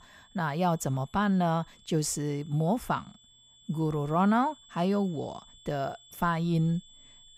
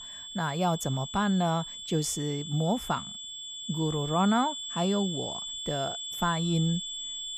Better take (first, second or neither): first